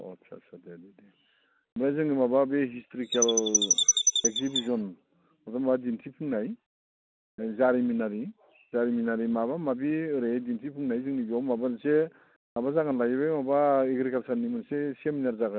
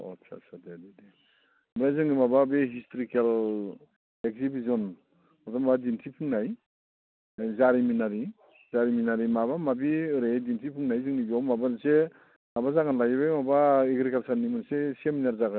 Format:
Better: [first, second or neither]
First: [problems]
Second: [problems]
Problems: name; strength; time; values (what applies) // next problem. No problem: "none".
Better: second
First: background sound (Chirp, tweet); 2 dB above the speech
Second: none